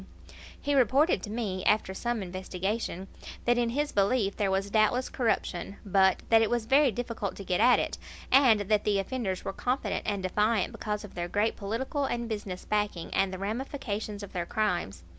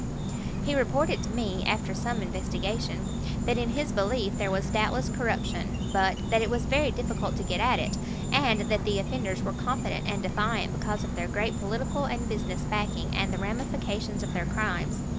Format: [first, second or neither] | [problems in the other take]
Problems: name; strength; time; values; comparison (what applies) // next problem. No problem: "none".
first | background sound (Insect); as loud as the speech